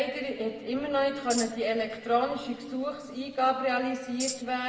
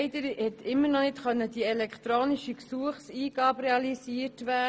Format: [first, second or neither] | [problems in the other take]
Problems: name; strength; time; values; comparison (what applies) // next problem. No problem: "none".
second | background sound (Tambourine); 7 dB below the speech // room echo; dies away in 1.8 s